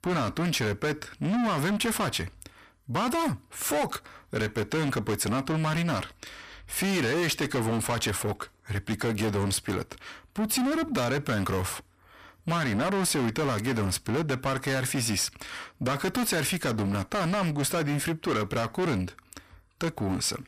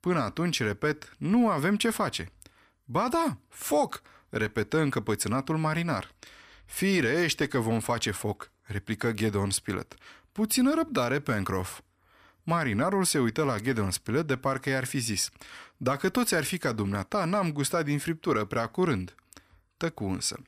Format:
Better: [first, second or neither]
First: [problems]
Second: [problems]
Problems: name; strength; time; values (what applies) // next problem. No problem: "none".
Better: second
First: distortion; heavy; 7 dB below the speech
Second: none